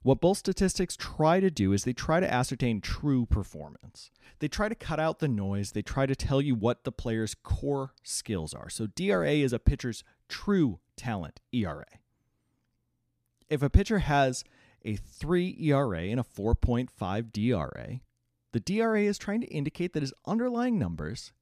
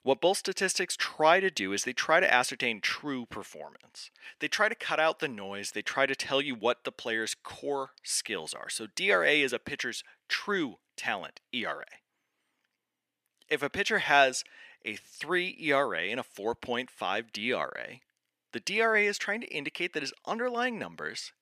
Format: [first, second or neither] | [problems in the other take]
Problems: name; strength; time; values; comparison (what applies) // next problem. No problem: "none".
first | thin; very; fading below 500 Hz